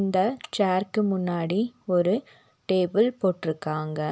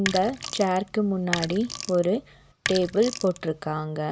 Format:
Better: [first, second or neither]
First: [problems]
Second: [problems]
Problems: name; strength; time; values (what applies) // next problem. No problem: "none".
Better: first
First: none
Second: background sound (Sink (filling or washing)); 10 dB below the speech